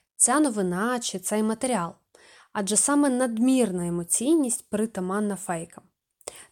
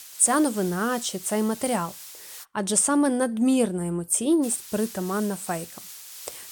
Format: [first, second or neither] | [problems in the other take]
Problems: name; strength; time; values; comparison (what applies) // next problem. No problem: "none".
first | hiss; noticeable; until 2.5 s and from 4.5 s on; 15 dB below the speech